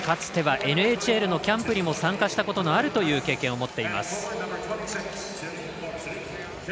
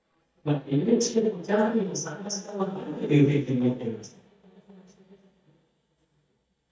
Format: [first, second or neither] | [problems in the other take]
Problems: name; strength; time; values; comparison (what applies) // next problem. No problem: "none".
first | noise reduction (neural mask model DeepFilterNet 3)